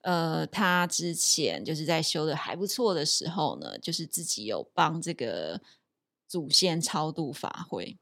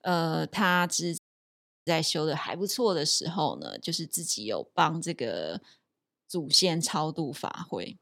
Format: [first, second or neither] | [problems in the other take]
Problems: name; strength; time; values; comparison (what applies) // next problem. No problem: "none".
first | audio cutting out; at 1 s for 0.5 s